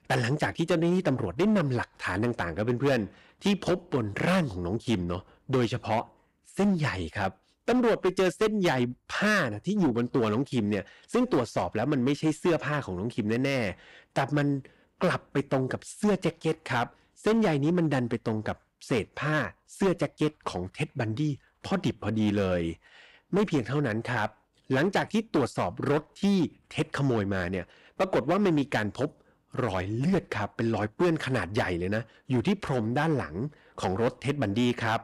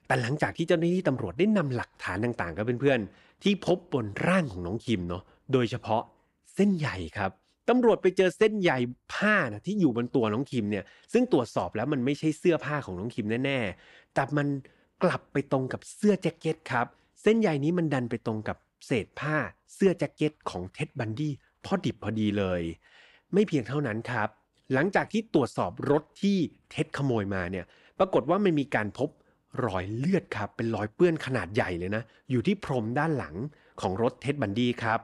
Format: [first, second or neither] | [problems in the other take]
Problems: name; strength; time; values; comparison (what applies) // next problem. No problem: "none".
second | distortion; slight; 8% of the sound clipped